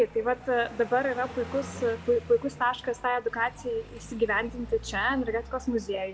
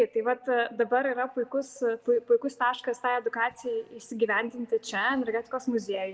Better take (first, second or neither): second